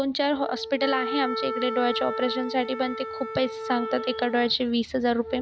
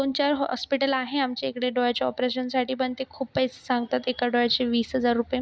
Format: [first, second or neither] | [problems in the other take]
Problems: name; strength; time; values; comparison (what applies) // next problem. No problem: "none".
second | background sound (Wind instrument, woodwind instrument); 7 dB below the speech